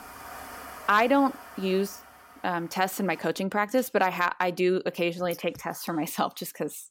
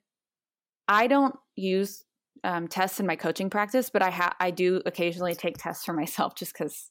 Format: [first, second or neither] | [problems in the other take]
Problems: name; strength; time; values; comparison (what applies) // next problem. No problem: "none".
second | household noises; noticeable; throughout; 20 dB below the speech